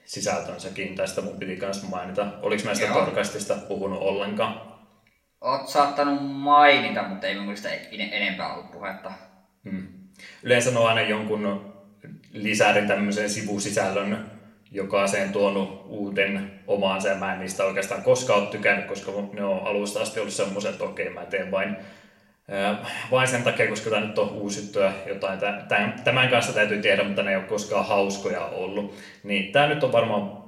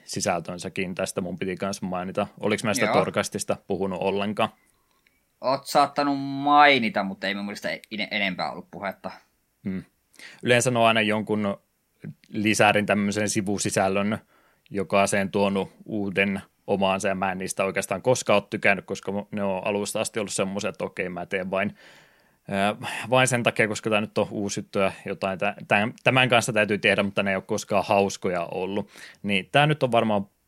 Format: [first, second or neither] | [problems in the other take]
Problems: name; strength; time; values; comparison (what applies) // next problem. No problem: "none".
second | room echo; slight; dies away in 0.6 s // off-mic speech; somewhat distant